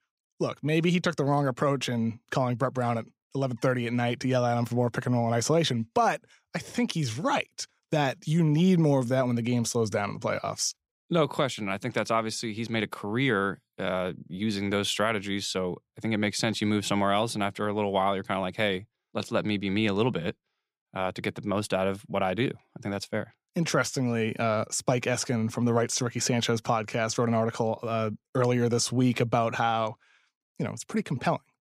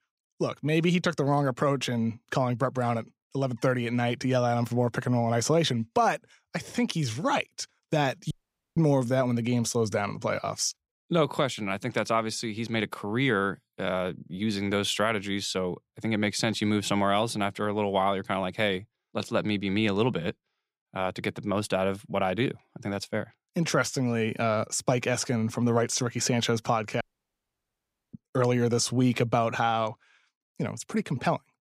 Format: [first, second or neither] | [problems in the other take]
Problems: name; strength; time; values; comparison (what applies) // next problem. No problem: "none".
first | audio cutting out; at 8.5 s and at 27 s for 1 s